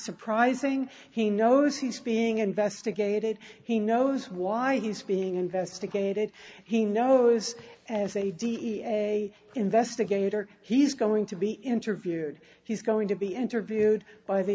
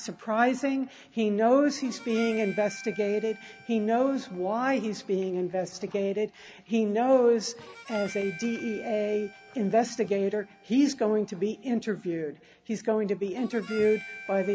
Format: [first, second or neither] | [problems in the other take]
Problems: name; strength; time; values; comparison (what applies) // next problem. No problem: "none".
first | background sound (Harmonica); 20 dB below the speech